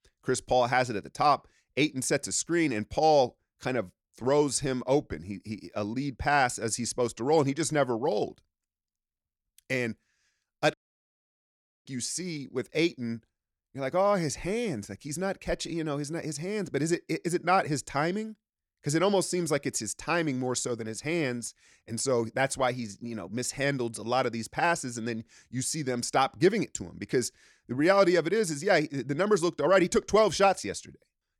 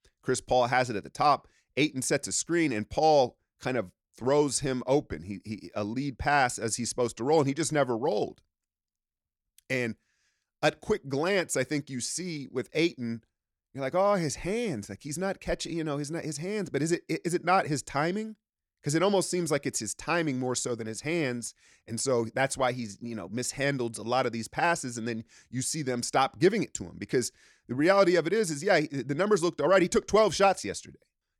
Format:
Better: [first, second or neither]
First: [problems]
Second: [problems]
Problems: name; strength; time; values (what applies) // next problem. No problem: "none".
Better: second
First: audio cutting out; at 11 s for 1 s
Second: none